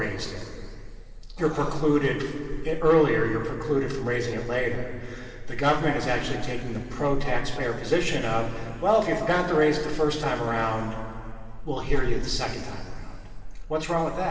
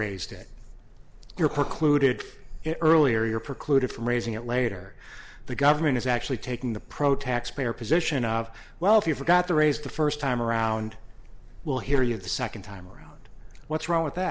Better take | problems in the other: second | room echo; dies away in 2.5 s

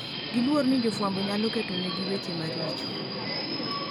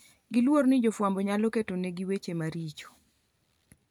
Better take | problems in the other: second | background sound (Subway, metro, underground); 3 dB below the speech

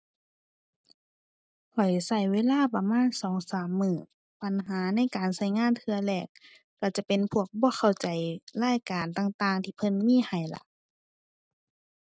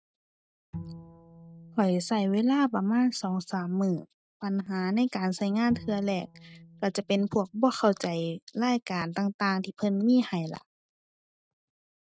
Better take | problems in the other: first | noise reduction (neural mask model RNNoise)

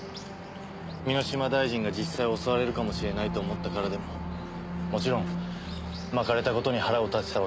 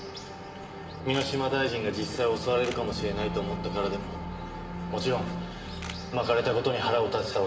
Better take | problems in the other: first | background sound (Camera); 20 dB below the speech // room echo; dies away in 2.5 s

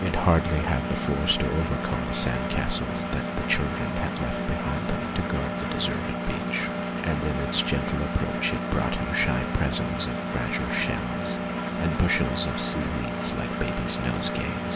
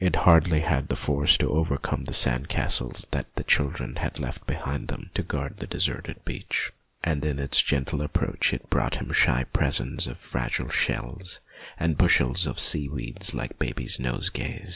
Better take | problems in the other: second | background sound (Engine); 1 dB below the speech

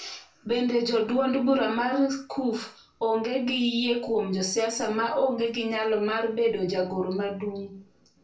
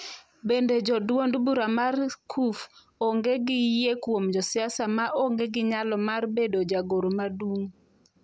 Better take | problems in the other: second | room echo; dies away in 0.3 s

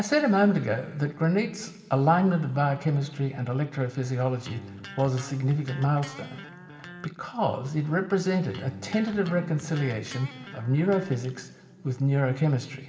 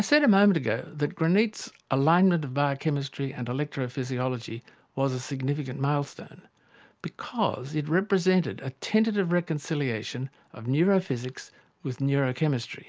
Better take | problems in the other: second | background sound (Electric guitar); 16 dB below the speech // room echo; dies away in 2.3 s

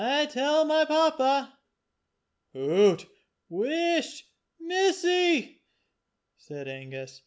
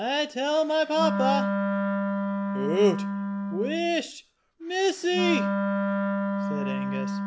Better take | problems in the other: first | background sound (Wind instrument, woodwind instrument); 1 dB below the speech

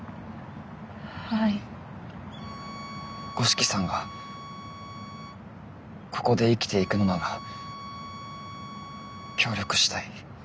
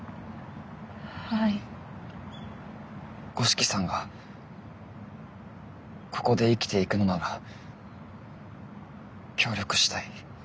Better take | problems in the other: second | background sound (Bowed string instrument); 13 dB below the speech

